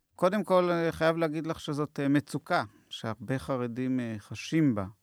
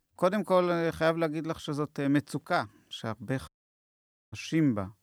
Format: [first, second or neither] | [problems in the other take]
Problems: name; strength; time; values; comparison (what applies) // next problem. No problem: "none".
first | audio cutting out; at 3.5 s for 1 s